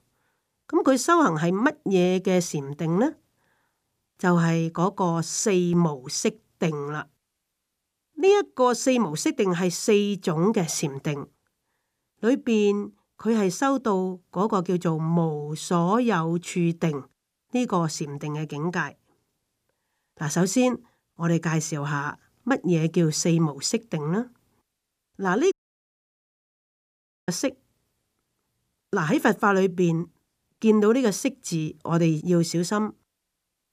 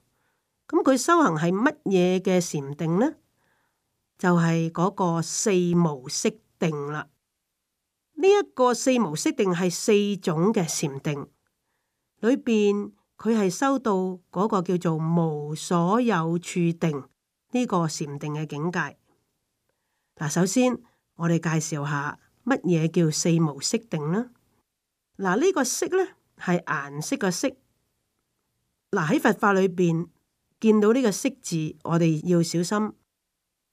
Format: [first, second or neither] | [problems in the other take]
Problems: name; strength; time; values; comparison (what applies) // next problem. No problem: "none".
second | audio cutting out; at 26 s for 2 s